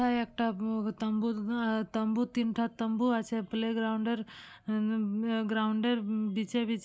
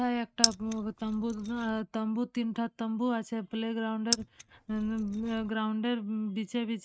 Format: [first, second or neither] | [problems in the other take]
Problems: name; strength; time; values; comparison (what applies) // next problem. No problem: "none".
first | noise reduction (neural mask model RNNoise)